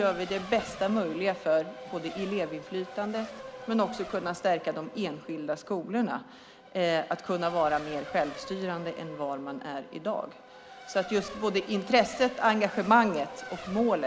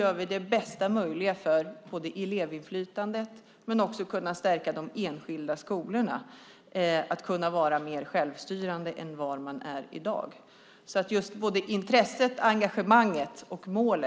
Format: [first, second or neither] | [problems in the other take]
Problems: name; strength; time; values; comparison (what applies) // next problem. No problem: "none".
second | background sound (Race car, auto racing); 14 dB below the speech